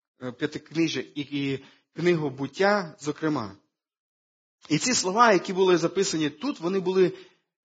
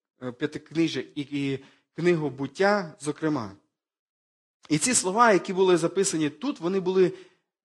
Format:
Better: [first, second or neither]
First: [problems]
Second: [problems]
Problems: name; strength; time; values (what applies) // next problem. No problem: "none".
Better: second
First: garbled, watery; badly; nothing above 7.5 kHz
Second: garbled, watery; slightly